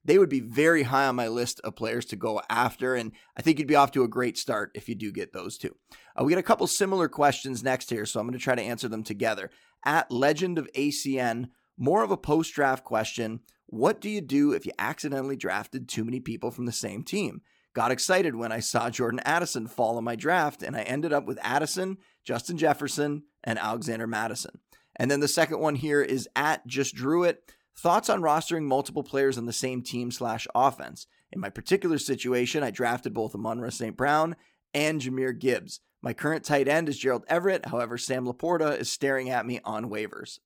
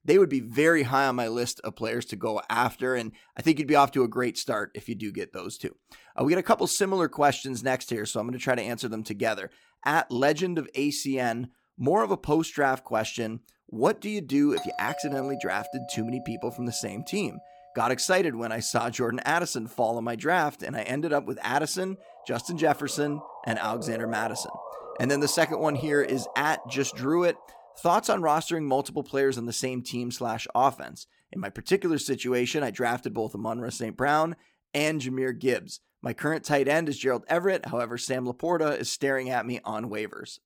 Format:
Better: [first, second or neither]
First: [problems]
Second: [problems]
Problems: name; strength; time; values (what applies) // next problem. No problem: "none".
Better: first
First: none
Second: doorbell; noticeable; from 15 to 17 s; peak 9 dB below the speech // siren; noticeable; from 22 to 28 s; peak 8 dB below the speech